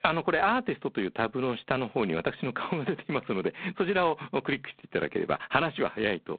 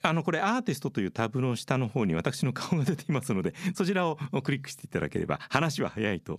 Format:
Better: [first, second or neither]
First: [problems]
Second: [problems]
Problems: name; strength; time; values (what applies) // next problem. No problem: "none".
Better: second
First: phone-call audio; poor line; nothing above 4 kHz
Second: none